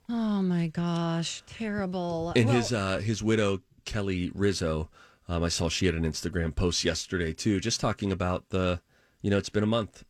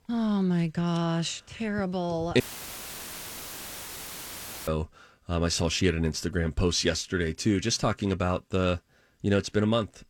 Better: first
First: none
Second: audio cutting out; filled with static; at 2.5 s for 2.5 s

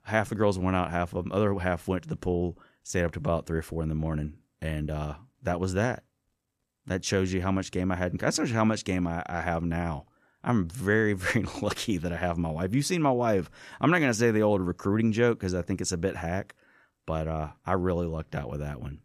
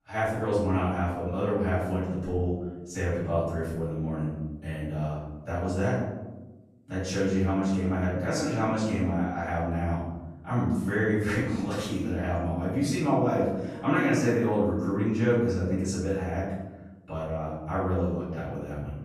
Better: first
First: none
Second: off-mic speech; far // room echo; strong; dies away in 1.1 s

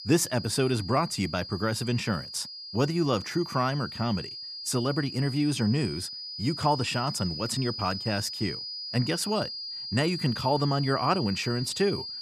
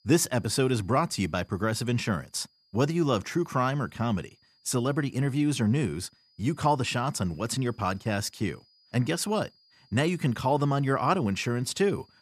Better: second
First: high-pitched whine; loud; throughout; 5 kHz, 7 dB below the speech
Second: high-pitched whine; faint; throughout; 5 kHz, 35 dB below the speech

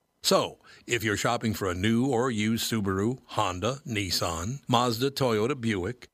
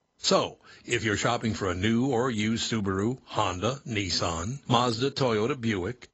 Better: first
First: none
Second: garbled, watery; badly; nothing above 7.5 kHz

